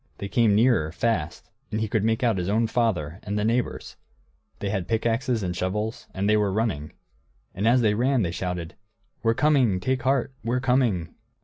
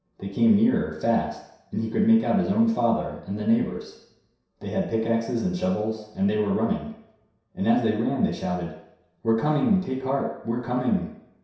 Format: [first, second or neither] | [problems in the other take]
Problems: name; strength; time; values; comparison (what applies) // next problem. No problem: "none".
first | room echo; dies away in 0.7 s